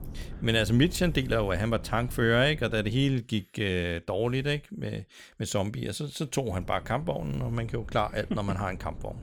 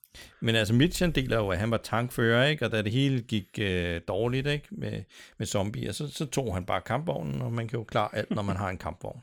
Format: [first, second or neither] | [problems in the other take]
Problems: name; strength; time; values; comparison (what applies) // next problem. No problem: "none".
second | wind noise on the microphone; occasional gusts; until 3 s and from 6.5 s on; 25 dB below the speech